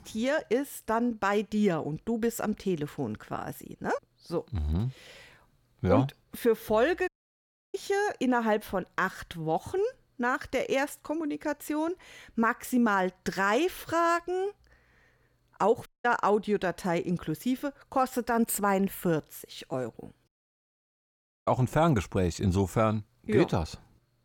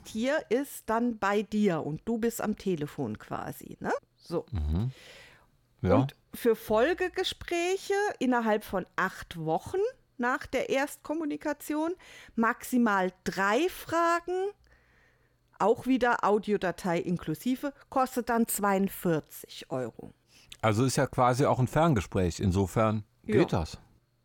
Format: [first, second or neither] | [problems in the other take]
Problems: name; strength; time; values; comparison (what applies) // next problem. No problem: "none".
second | audio cutting out; at 7 s for 0.5 s, at 16 s and at 20 s for 1 s